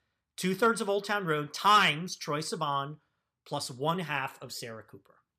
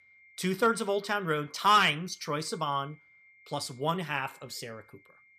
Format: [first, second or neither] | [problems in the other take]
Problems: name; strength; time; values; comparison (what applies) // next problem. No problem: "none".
first | high-pitched whine; faint; throughout; 2 kHz, 30 dB below the speech